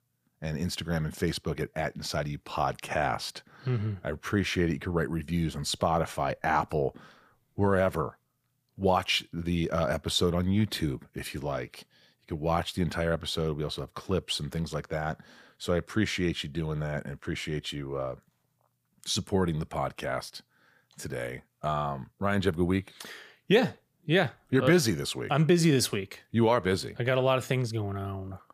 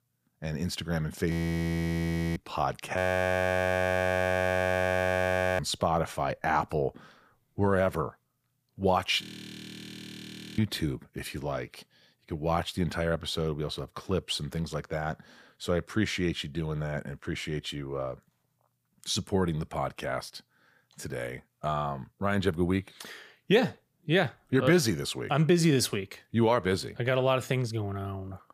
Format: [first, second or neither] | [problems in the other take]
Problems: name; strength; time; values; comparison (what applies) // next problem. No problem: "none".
first | audio freezing; at 1.5 s for 1 s, at 3 s for 2.5 s and at 9 s for 1.5 s